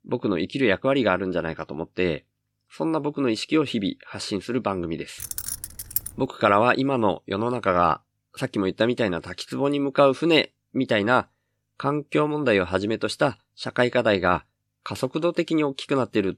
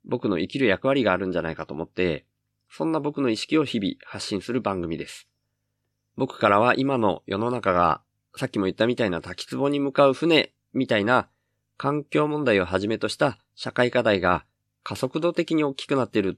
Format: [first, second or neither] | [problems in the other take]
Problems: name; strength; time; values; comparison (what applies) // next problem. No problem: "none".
second | jangling keys; noticeable; at 5 s; peak 4 dB below the speech